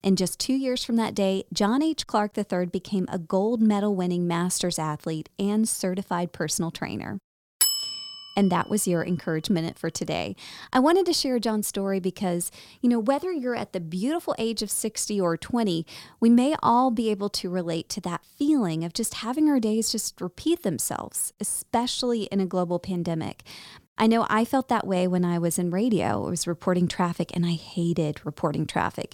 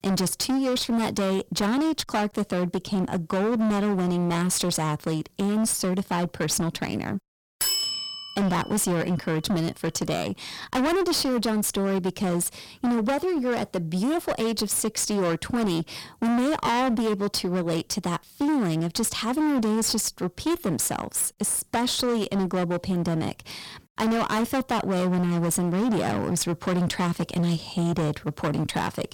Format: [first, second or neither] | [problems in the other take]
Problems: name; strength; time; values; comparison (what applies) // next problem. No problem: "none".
first | distortion; heavy; 26% of the sound clipped